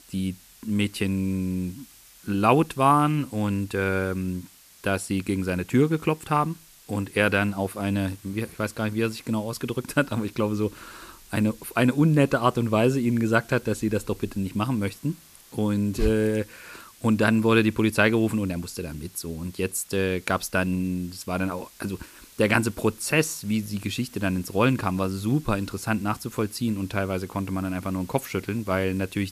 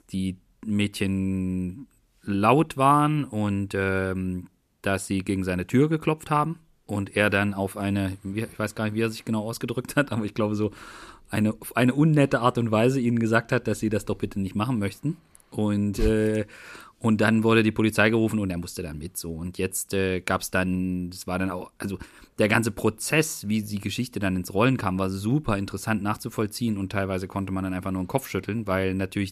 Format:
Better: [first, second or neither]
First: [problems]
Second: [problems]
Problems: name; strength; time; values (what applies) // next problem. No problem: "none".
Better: second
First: hiss; faint; throughout; 25 dB below the speech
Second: none